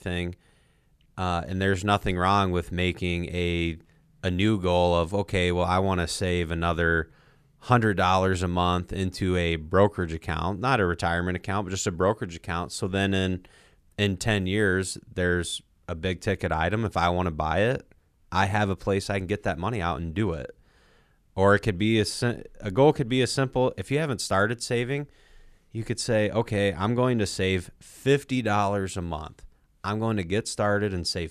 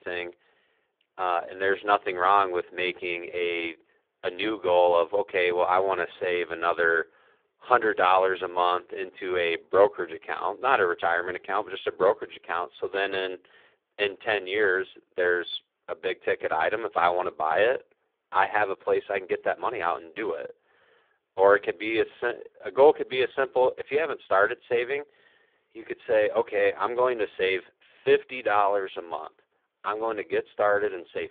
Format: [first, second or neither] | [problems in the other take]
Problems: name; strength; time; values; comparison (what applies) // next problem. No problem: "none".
first | phone-call audio; poor line; nothing above 3.5 kHz